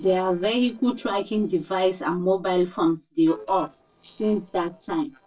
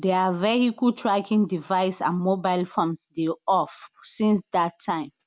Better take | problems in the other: second | noise reduction (neural separator model SepFormer DNS4)

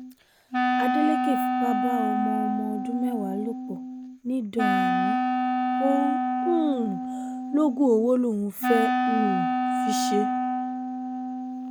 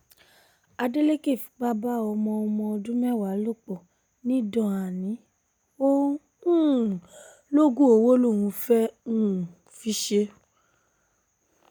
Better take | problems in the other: second | background sound (Wind instrument, woodwind instrument); 2 dB above the speech

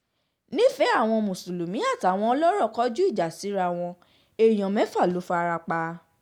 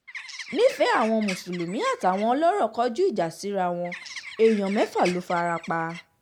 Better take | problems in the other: first | background sound (Bird); 15 dB below the speech

